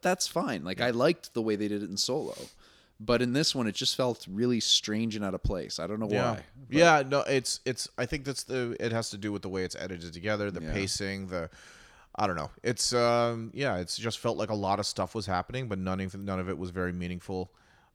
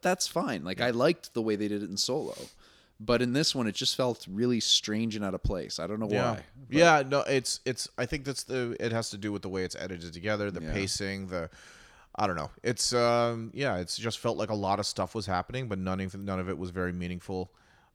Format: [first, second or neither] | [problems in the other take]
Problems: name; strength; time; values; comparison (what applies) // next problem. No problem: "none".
neither | none